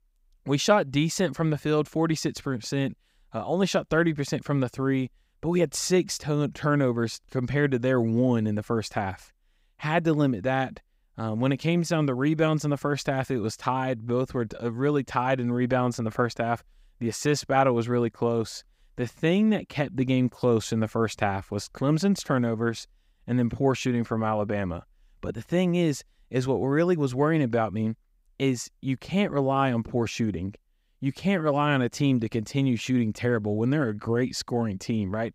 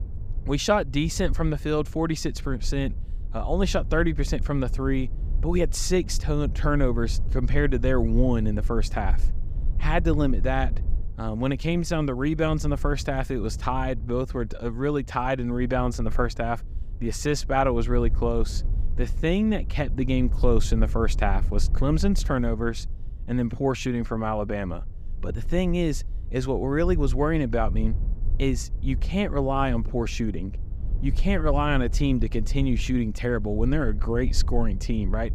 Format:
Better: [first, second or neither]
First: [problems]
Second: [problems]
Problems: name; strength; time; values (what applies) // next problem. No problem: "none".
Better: first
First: none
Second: low rumble; faint; throughout; 20 dB below the speech